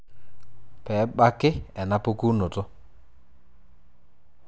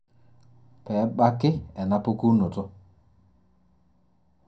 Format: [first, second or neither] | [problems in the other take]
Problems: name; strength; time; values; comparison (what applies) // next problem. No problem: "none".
first | room echo; dies away in 0.2 s